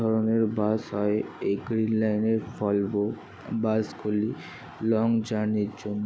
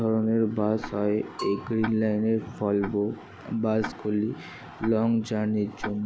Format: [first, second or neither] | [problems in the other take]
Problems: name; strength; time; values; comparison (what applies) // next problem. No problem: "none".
first | background sound (Tick-tock + Bell / Percussion); 16 dB below the speech